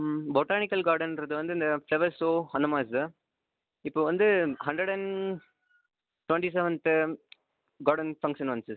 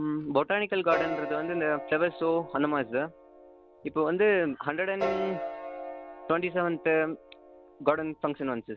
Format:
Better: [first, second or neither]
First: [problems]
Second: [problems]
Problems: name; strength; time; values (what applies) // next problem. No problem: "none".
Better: first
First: none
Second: background sound (Piano); 10 dB below the speech